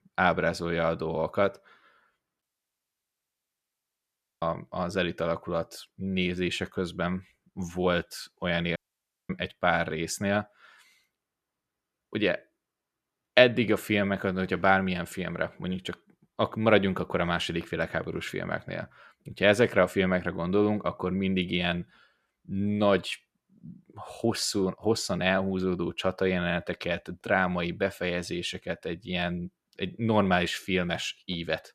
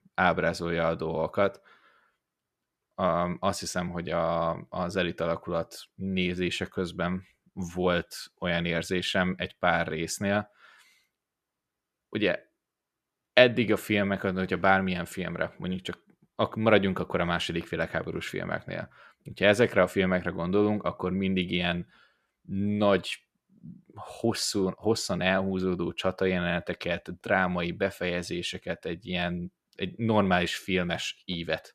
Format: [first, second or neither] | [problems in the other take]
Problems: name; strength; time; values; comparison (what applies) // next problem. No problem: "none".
second | audio cutting out; at 2.5 s for 2 s and at 9 s for 0.5 s